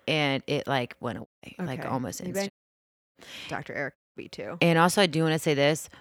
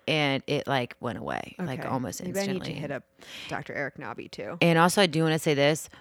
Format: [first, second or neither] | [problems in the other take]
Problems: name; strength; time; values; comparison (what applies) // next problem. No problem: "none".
second | audio cutting out; at 1.5 s, at 2.5 s for 0.5 s and at 4 s